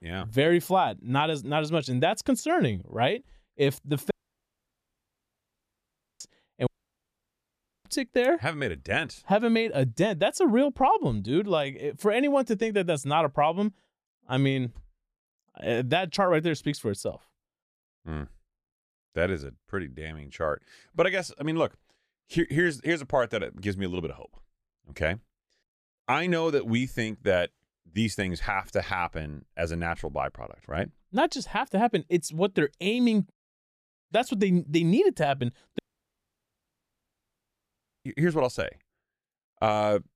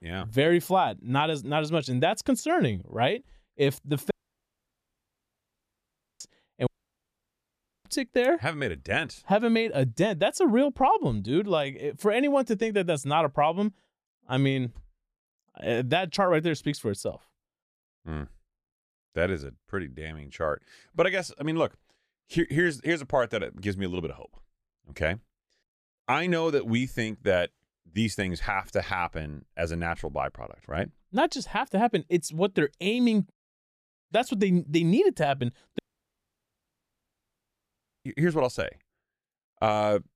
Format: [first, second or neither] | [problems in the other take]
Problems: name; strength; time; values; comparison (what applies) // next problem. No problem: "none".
neither | audio cutting out; at 4 s for 2 s, at 6.5 s for 1 s and at 36 s for 2.5 s; the same in both